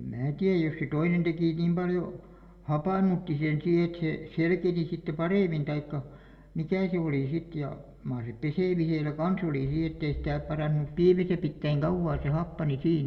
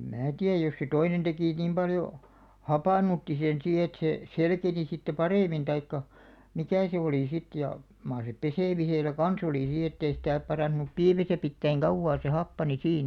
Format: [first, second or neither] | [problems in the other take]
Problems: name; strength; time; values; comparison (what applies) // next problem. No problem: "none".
second | room echo; dies away in 0.9 s